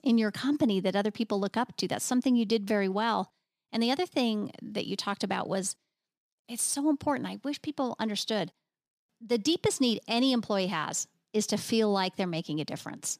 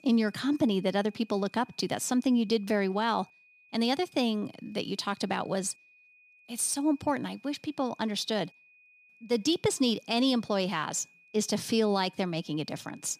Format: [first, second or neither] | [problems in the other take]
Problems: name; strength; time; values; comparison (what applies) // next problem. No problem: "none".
first | high-pitched whine; faint; throughout; 2.5 kHz, 30 dB below the speech